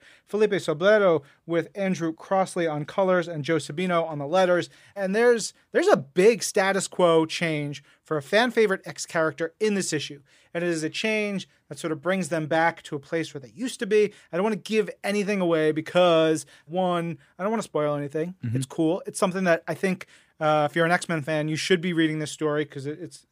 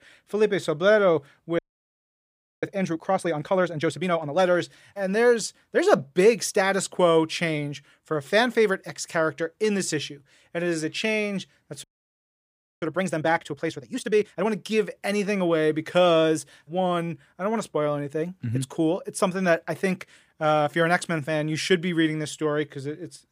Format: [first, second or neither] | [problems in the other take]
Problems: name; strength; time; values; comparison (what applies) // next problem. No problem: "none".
first | audio freezing; at 1.5 s for 1 s and at 12 s for 1 s